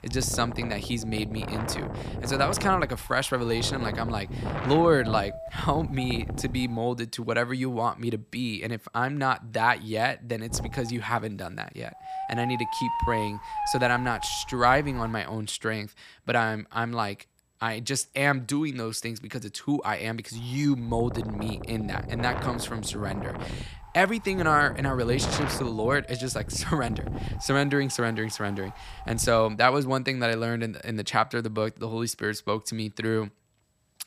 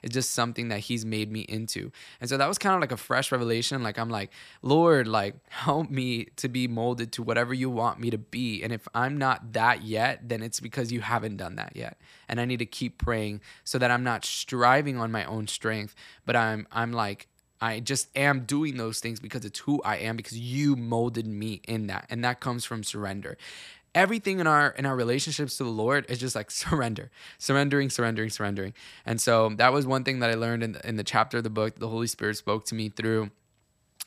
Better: second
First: wind noise on the microphone; heavy; until 7 s, from 11 to 15 s and from 20 to 30 s; 9 dB below the speech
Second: none

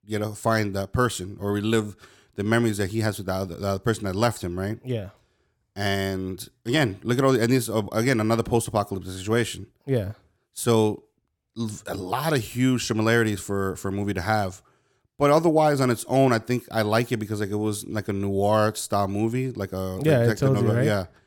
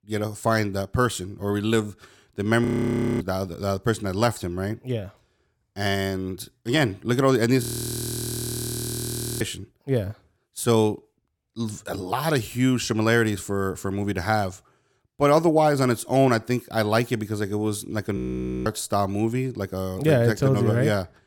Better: first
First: none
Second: audio freezing; at 2.5 s for 0.5 s, at 7.5 s for 2 s and at 18 s

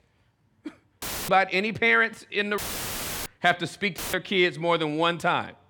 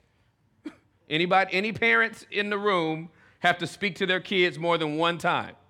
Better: second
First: audio cutting out; filled with static; at 1 s, at 2.5 s for 0.5 s and at 4 s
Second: none

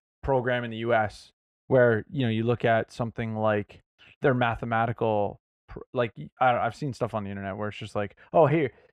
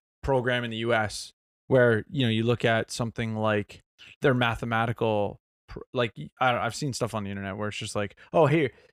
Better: second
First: muffled; slightly; fading above 3.5 kHz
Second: none

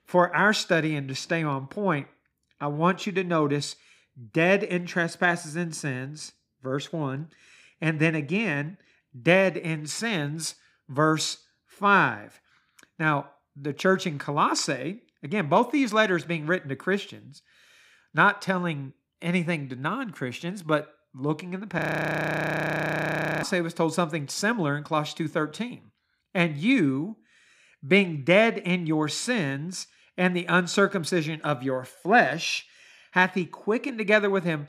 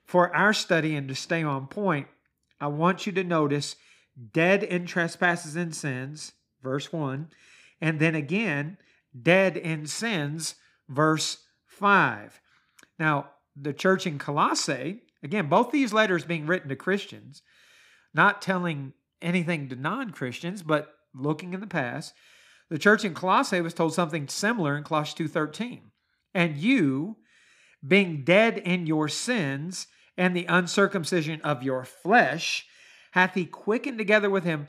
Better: second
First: audio freezing; at 22 s for 1.5 s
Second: none

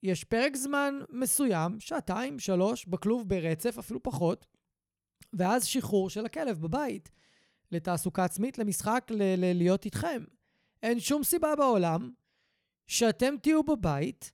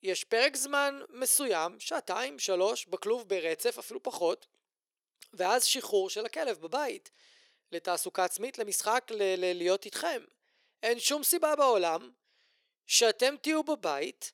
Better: first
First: none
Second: thin; very; fading below 400 Hz

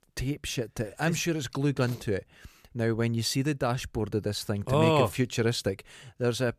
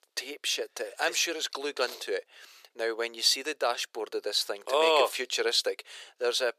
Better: first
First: none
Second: thin; very; fading below 400 Hz

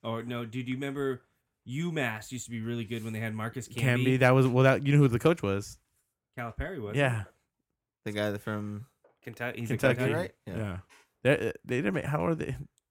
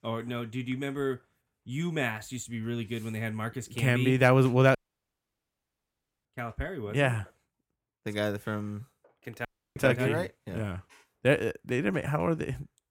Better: first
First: none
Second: audio cutting out; at 5 s for 1.5 s and at 9.5 s

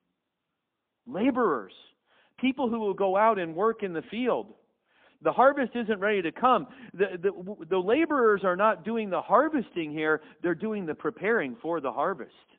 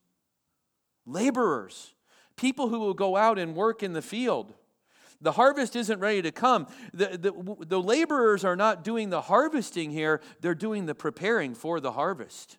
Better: second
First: phone-call audio; poor line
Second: none

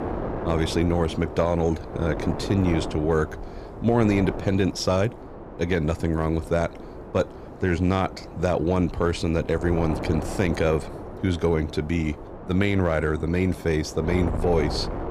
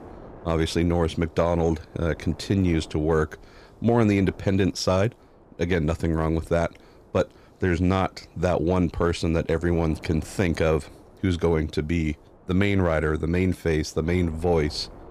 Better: second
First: wind noise on the microphone; heavy; 9 dB below the speech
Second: wind noise on the microphone; occasional gusts; 25 dB below the speech

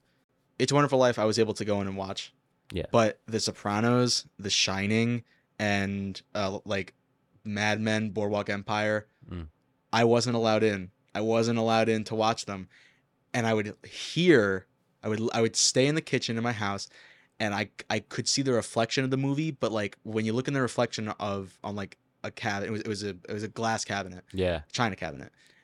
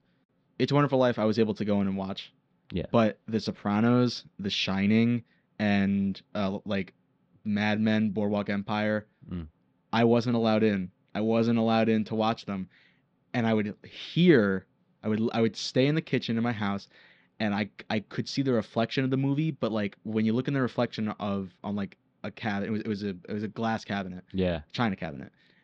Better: first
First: none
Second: muffled; slightly; fading above 4 kHz

